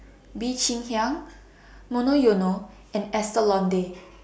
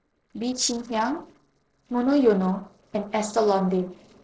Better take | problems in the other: first | noise reduction (neural separator model SepFormer DNS4)

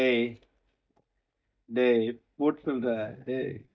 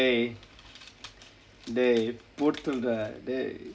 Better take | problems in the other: second | noise reduction (neural mask model DeepFilterNet 3)

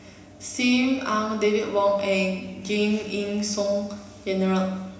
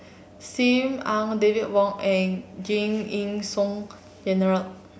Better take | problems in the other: second | room echo; dies away in 1 s

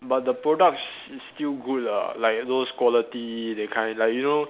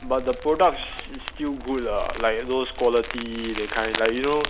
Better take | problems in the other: first | background sound (Crumpling, crinkling); 9 dB below the speech

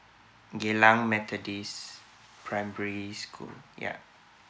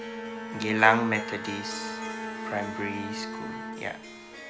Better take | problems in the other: first | background sound (Bowed string instrument + Harp); 6 dB below the speech

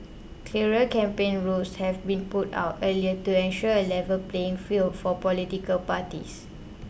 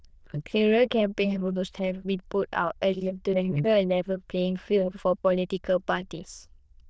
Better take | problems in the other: first | noise reduction (neural diffusion model UNIVERSE++)

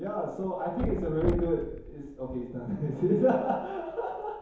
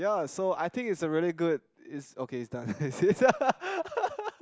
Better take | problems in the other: second | background sound (Thump, thud); 8 dB below the speech // room echo; dies away in 1 s

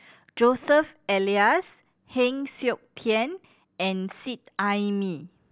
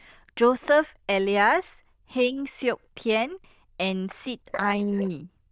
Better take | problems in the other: first | noise reduction (neural diffusion model UNIVERSE++)

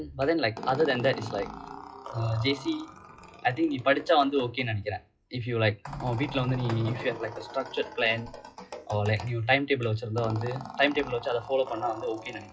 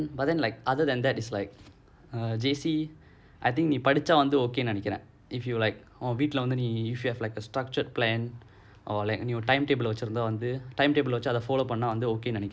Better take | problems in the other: second | noise reduction (classical method WPE with log-MMSE)

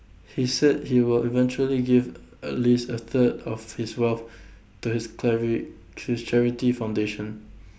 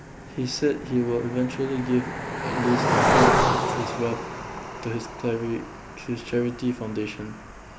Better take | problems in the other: first | background sound (Cricket); 1 dB above the speech

